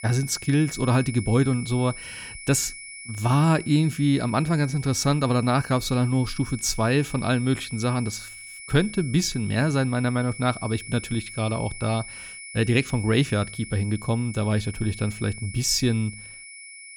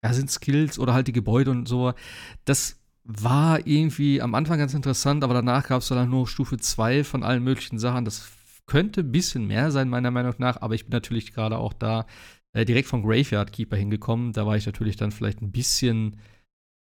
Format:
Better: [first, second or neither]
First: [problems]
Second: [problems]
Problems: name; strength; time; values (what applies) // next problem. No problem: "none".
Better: second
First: high-pitched whine; noticeable; throughout; 2 kHz, 15 dB below the speech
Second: none